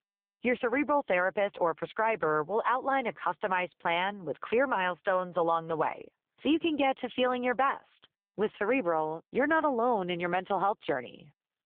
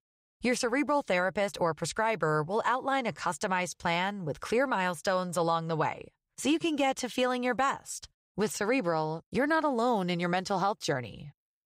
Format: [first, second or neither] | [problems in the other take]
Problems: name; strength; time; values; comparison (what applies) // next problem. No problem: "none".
second | phone-call audio; poor line